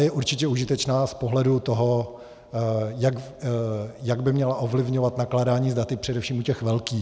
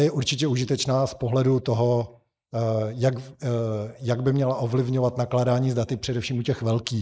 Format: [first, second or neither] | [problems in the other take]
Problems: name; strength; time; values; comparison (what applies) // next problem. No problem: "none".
first | noise reduction (neural mask model Resemble Enhance denoiser)